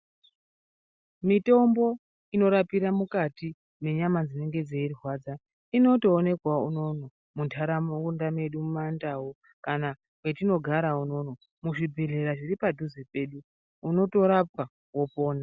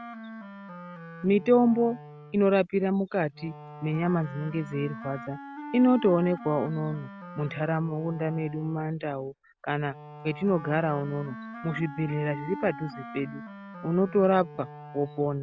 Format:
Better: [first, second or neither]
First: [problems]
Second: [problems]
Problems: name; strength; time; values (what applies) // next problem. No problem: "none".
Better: first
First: none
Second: background sound (Wind instrument, woodwind instrument); 14 dB below the speech